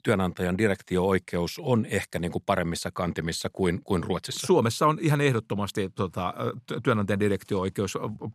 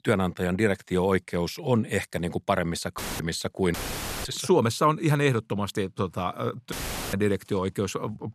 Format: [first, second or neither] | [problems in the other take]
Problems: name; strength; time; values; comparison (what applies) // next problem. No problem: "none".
first | audio cutting out; filled with static; at 3 s, at 3.5 s for 0.5 s and at 6.5 s